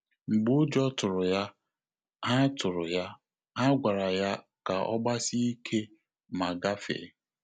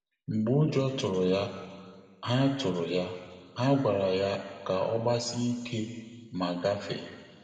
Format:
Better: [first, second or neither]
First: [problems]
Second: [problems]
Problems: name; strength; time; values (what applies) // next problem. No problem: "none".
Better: first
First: none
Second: room echo; dies away in 1.7 s